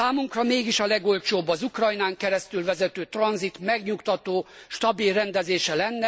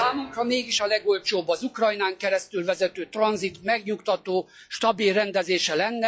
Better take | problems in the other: first | noise reduction (classical method log-MMSE)

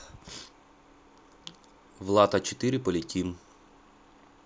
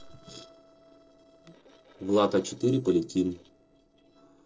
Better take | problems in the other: first | noise reduction (neural separator model SepFormer DNS4)

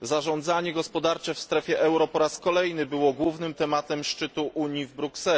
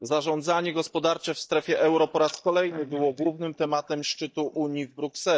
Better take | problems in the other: first | noise reduction (neural mask model DeepFilterNet 3)

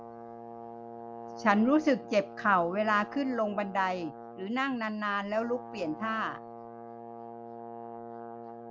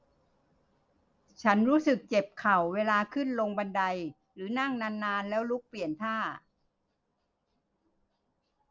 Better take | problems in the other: second | background sound (Brass instrument); 13 dB below the speech

